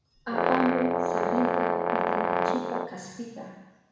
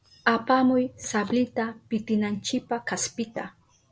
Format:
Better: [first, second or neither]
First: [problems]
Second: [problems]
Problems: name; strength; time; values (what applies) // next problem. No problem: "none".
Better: second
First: background sound (Brass instrument); 4 dB above the speech // room echo; dies away in 1.1 s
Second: none